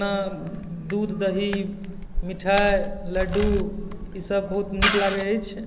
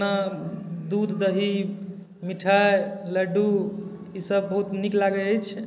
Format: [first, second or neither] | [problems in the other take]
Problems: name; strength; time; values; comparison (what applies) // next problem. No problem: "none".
second | background sound (Camera); 5 dB below the speech